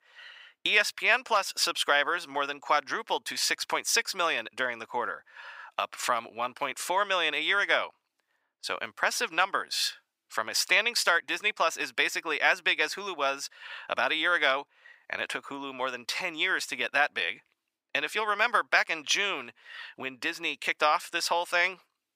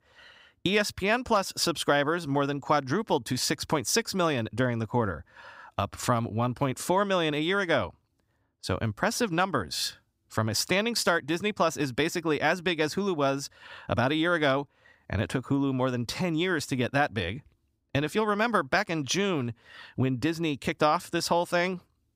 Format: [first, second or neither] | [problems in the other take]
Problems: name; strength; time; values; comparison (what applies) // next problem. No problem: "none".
second | thin; very; fading below 650 Hz